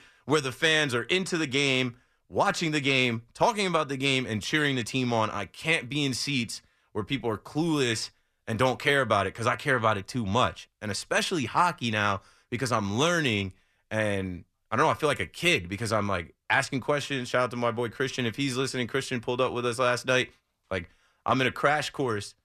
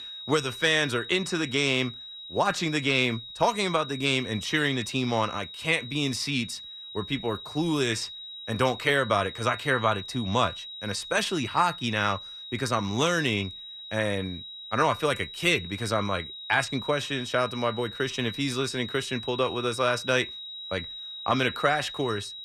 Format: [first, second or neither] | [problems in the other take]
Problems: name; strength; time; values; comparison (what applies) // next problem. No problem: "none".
first | high-pitched whine; noticeable; throughout; 4 kHz, 10 dB below the speech